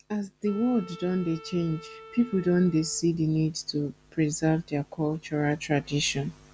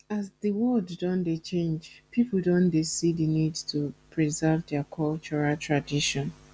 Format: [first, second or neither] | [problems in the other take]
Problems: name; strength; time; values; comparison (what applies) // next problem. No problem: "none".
second | background sound (Wind instrument, woodwind instrument); 20 dB below the speech